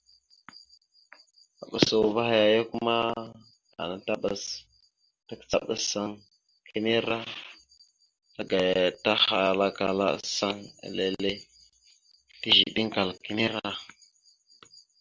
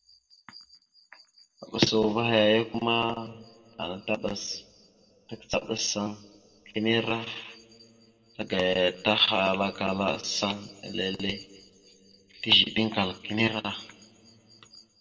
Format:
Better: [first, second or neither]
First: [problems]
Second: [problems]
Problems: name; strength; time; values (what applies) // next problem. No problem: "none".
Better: first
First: none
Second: room echo; dies away in 1.7 s